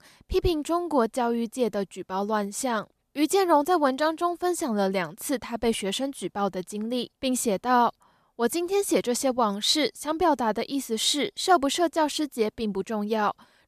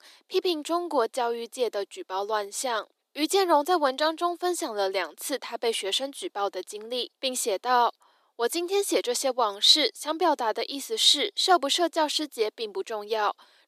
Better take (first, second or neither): first